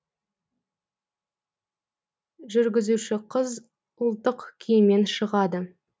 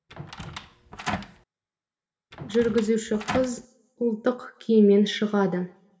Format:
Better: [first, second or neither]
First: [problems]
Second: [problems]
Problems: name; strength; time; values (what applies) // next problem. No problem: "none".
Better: first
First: none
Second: background sound (Door); 10 dB below the speech // room echo; dies away in 0.7 s